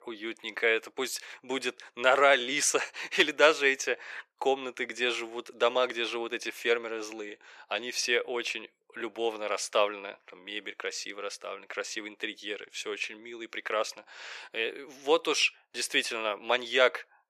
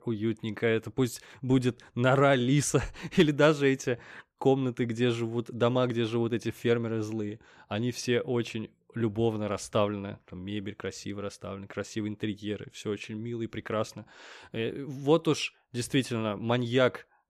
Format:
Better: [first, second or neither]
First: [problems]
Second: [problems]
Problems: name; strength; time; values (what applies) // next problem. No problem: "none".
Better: second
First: thin; very; fading below 500 Hz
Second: none